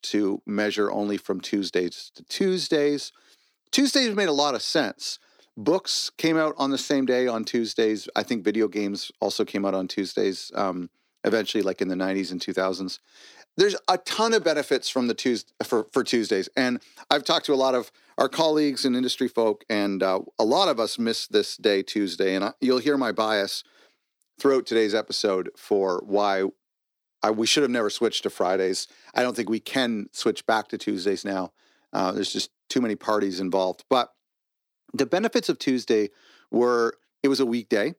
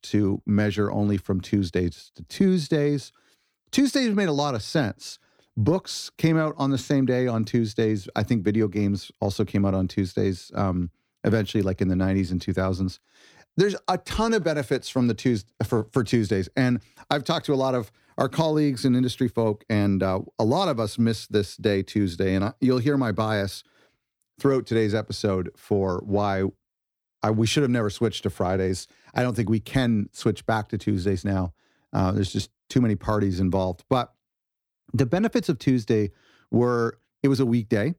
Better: second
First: thin; very slightly; fading below 300 Hz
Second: none

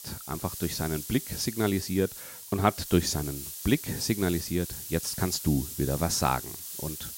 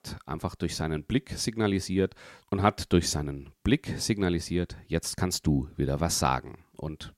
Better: second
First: hiss; loud; throughout; 8 dB below the speech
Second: none

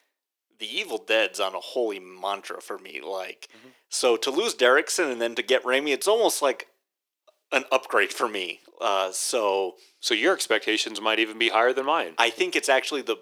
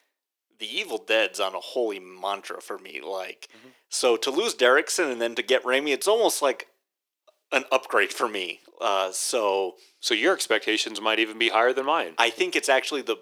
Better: neither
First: thin; very; fading below 300 Hz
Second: thin; very; fading below 300 Hz

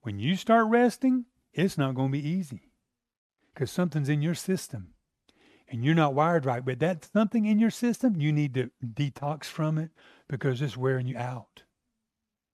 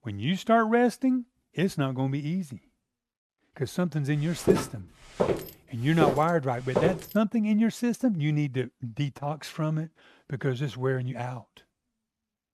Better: first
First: none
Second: footsteps; loud; from 4.5 to 7 s; peak 1 dB above the speech

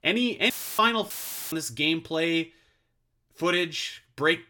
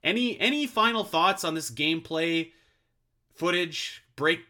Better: second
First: audio cutting out; filled with static; at 0.5 s and at 1 s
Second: none

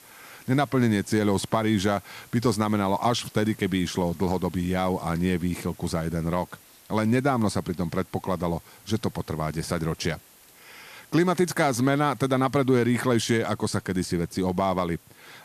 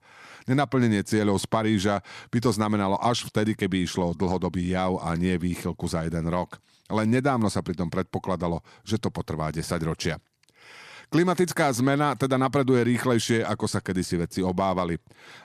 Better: second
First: hiss; faint; throughout; 25 dB below the speech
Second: none

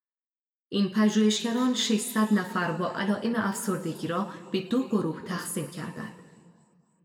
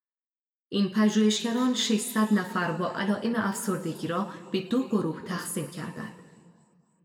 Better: neither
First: room echo; slight; dies away in 1.7 s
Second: room echo; slight; dies away in 1.7 s

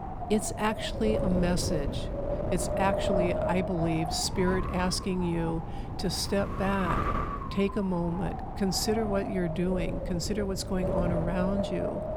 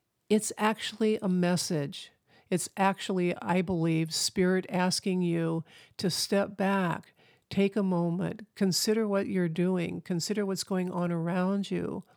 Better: second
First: wind noise on the microphone; heavy; 2 dB below the speech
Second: none

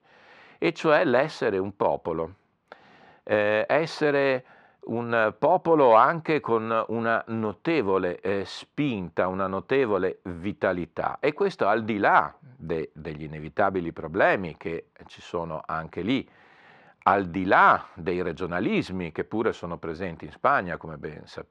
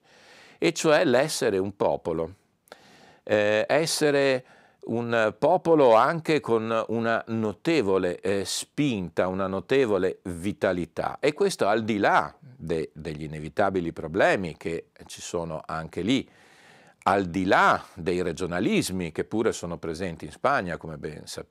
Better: second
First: muffled; slightly; fading above 2.5 kHz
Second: none

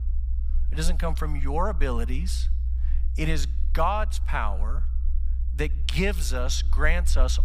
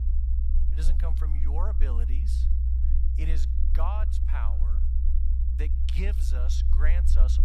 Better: first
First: low rumble; faint; throughout; 20 dB below the speech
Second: low rumble; loud; throughout; 5 dB below the speech

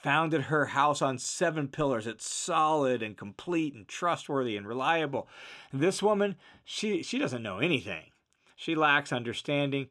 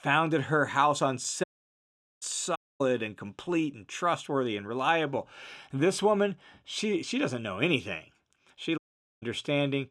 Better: first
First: none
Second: audio cutting out; at 1.5 s for 1 s, at 2.5 s and at 9 s

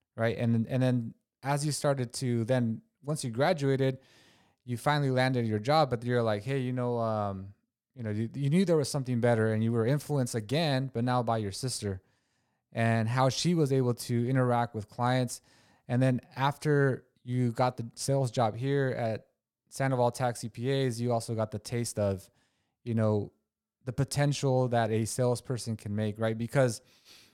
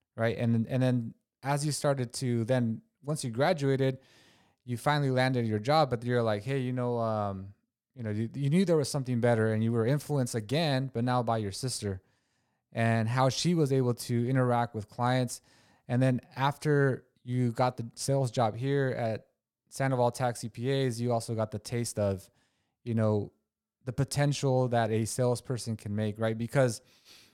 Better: neither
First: none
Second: none

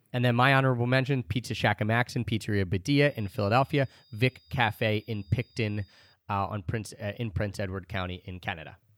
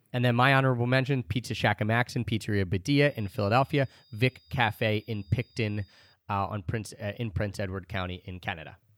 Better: neither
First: high-pitched whine; faint; from 3 to 6 s; 5 kHz, 30 dB below the speech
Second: high-pitched whine; faint; from 3 to 6 s; 5 kHz, 30 dB below the speech

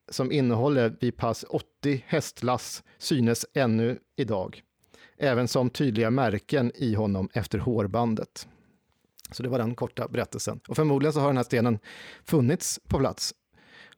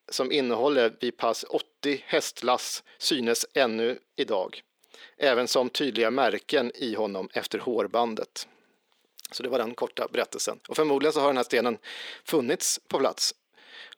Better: first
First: none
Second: thin; somewhat; fading below 350 Hz

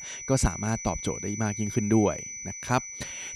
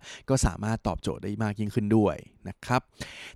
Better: second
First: high-pitched whine; loud; throughout; 6 kHz, 8 dB below the speech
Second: none

